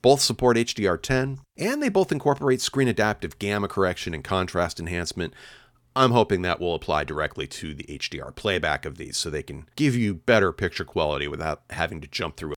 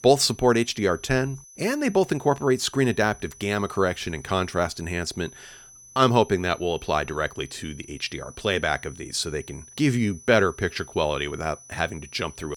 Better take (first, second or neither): first